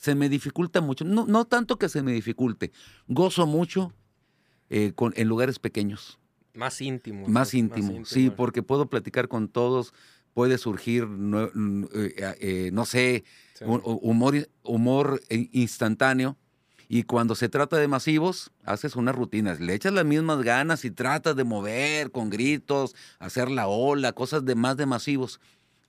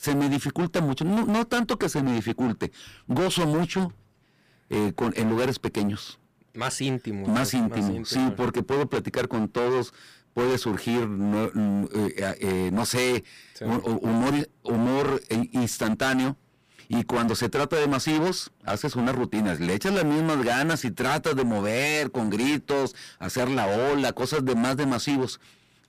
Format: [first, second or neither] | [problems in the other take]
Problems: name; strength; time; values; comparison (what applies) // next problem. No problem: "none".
first | distortion; heavy; 22% of the sound clipped